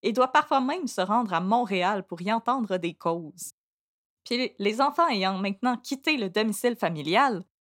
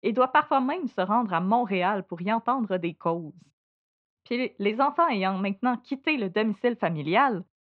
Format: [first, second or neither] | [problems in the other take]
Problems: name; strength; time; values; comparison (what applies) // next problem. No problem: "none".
first | muffled; slightly; fading above 3 kHz